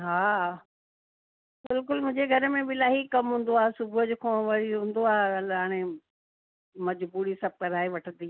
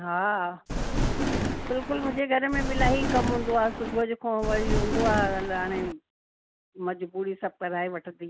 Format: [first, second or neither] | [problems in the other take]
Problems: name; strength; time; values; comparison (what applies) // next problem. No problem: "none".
first | background sound (Thunder); 1 dB above the speech